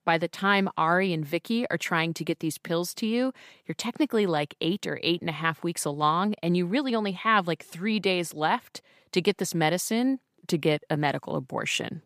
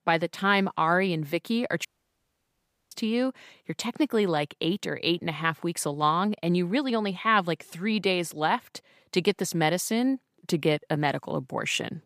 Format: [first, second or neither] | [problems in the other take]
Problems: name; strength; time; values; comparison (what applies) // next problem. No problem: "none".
first | audio cutting out; at 2 s for 1 s